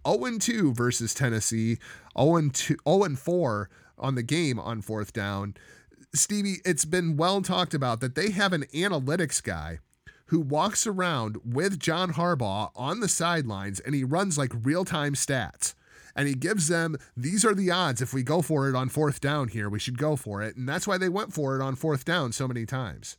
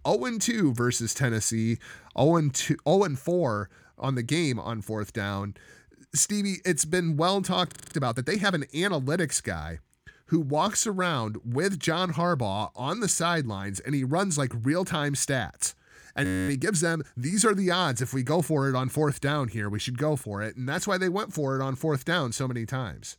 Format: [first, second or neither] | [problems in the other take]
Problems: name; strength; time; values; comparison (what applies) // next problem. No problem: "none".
first | audio freezing; at 7.5 s and at 16 s